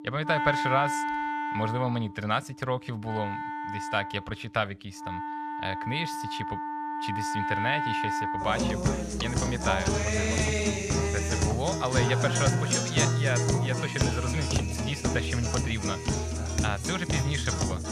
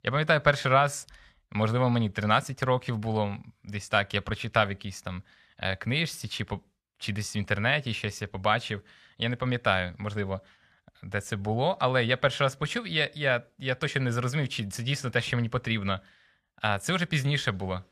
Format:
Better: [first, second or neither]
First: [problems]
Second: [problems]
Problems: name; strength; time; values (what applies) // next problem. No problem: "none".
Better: second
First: background music; very loud; throughout; 2 dB above the speech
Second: none